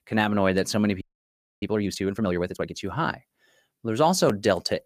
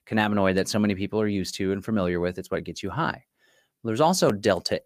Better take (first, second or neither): second